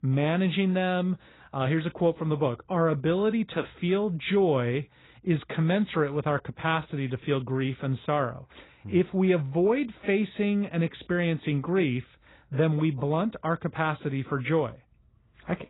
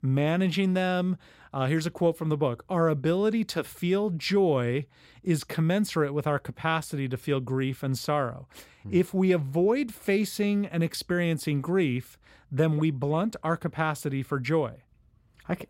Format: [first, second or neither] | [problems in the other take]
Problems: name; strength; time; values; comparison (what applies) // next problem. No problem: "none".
second | garbled, watery; badly; nothing above 4 kHz